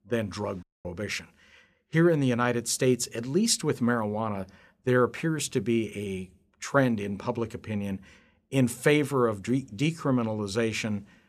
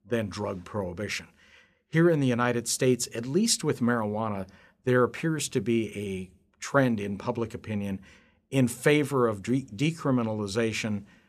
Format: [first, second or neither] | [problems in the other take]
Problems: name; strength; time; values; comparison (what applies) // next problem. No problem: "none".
second | audio cutting out; at 0.5 s